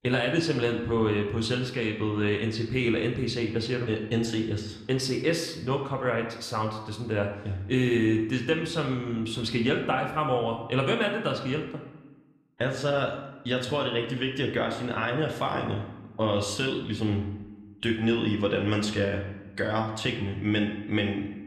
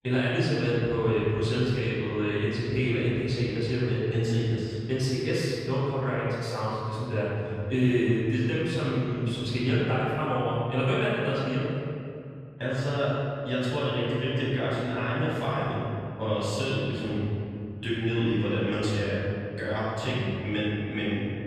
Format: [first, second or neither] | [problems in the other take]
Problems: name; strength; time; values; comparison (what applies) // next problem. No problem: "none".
first | room echo; strong; dies away in 2.4 s; slight in the first // off-mic speech; far